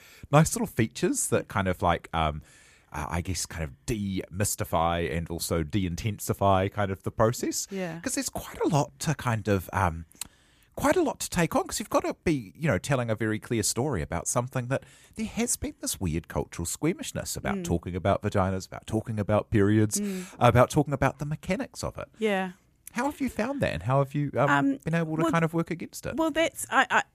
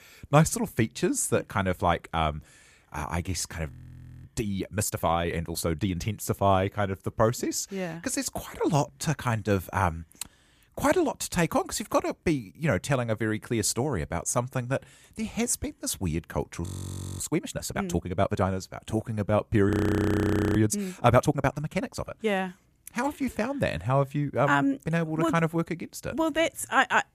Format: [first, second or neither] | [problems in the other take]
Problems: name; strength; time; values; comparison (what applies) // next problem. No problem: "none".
first | audio freezing; at 3.5 s for 0.5 s, at 17 s for 0.5 s and at 20 s for 1 s